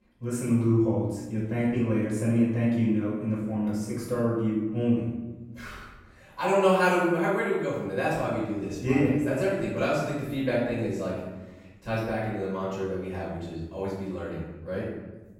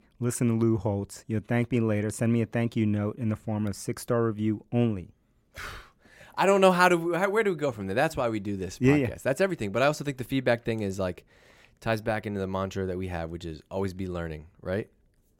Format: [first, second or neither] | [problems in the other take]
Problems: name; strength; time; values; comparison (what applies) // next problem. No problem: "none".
second | off-mic speech; far // room echo; strong; dies away in 1 s